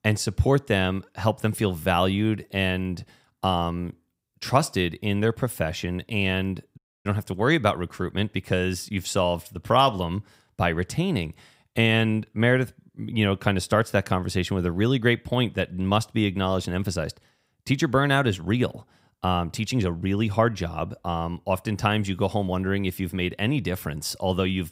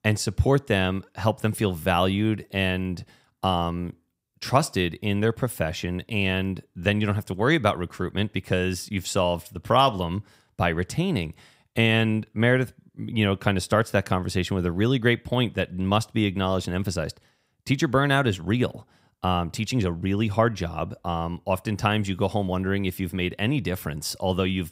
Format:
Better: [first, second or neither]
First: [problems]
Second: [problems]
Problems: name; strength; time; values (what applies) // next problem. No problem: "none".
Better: second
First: audio cutting out; at 7 s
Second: none